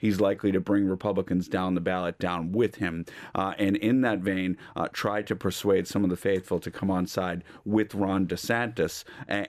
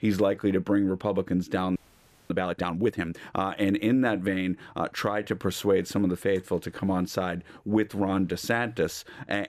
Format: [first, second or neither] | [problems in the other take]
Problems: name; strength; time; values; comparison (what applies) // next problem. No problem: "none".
first | audio freezing; at 2 s for 0.5 s